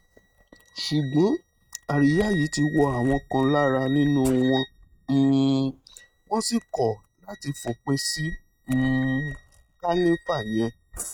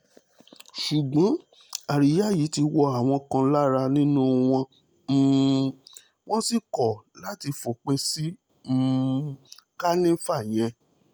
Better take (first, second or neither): second